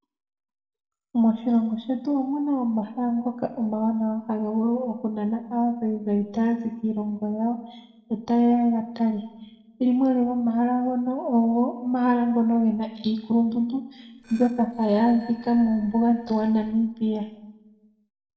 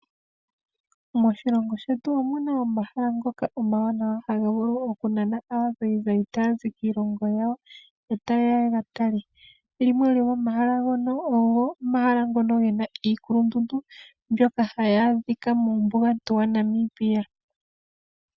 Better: second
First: noise reduction (neural separator model SepFormer DNS4)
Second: none

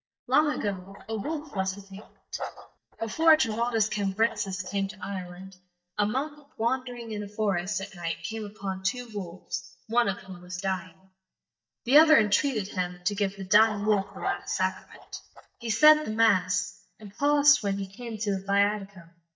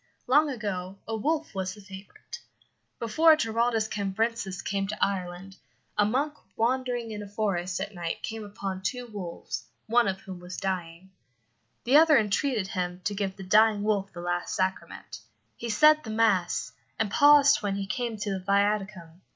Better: second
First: noise reduction (neural mask model DeepFilterNet 3)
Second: none

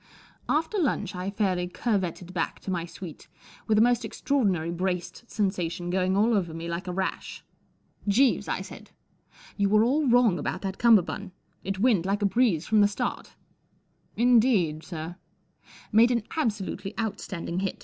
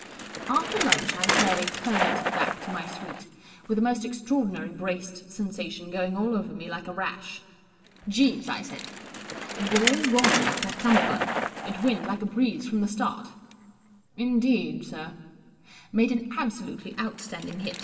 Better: first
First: none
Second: background sound (Bicycle); 4 dB below the speech // room echo; dies away in 1.9 s

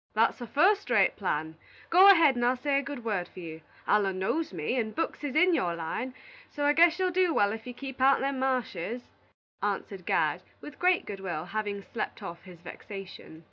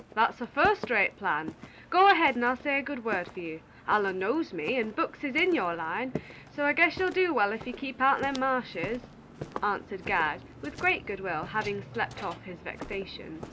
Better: first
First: none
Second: background sound (Walk, footsteps); 15 dB below the speech

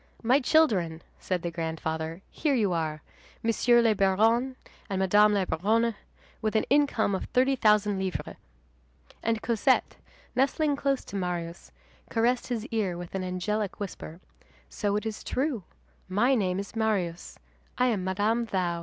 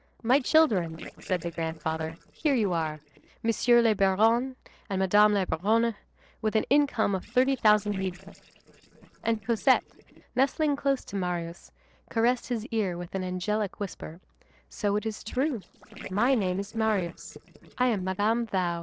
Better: first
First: none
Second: noise reduction (neural separator model SepFormer DNS4)

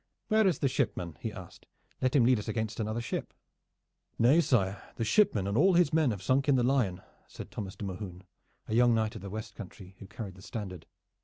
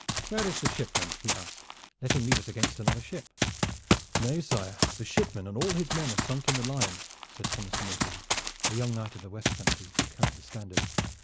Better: first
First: none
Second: background sound (Run); 3 dB above the speech

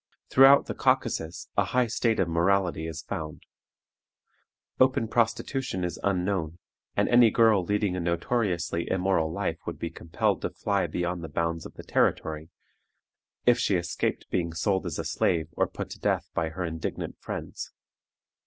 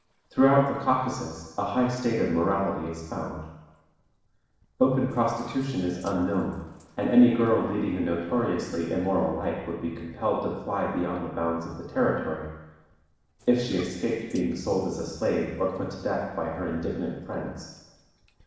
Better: first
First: none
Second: noise reduction (neural separator model SepFormer DNS4)

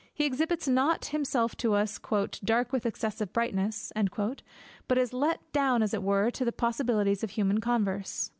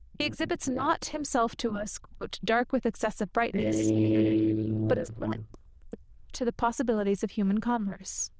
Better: first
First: none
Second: noise reduction (neural diffusion model UNIVERSE++)

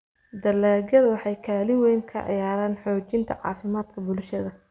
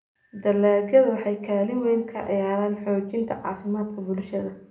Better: first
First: none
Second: room echo; dies away in 0.5 s

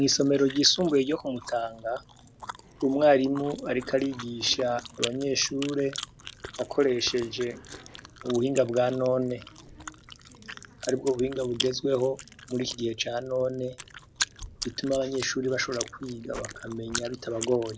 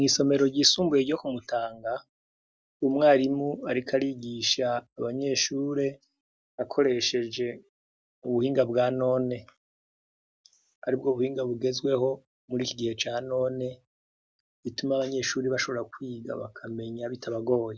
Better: second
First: background sound (Chewing, mastication); 13 dB below the speech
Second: none

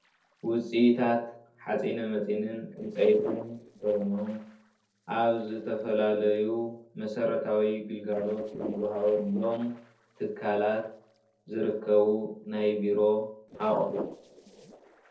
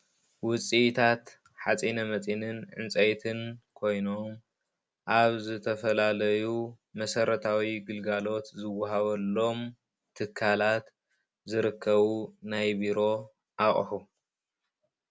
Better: second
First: noise reduction (neural separator model SepFormer DNS4)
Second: none

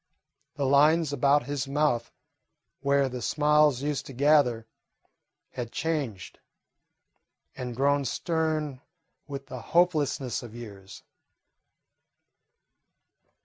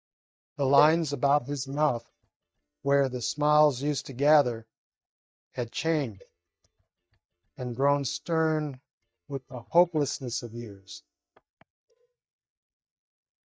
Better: first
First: none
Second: noise reduction (neural mask model DeepFilterNet 3)

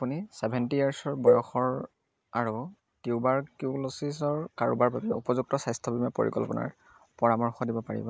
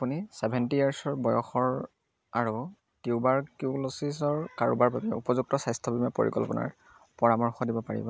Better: second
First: noise reduction (neural mask model Resemble Enhance denoiser)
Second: none

